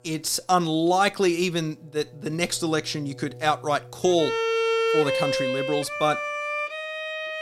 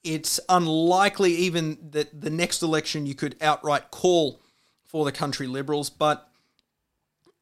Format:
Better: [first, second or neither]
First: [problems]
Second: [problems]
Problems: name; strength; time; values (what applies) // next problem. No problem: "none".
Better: second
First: background music; loud; throughout; 1 dB below the speech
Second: none